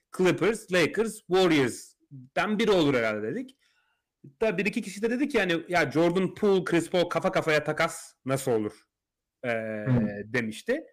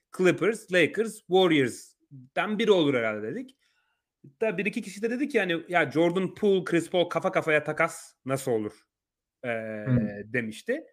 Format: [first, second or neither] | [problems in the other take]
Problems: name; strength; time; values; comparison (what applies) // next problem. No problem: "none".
second | distortion; slight; 7% of the sound clipped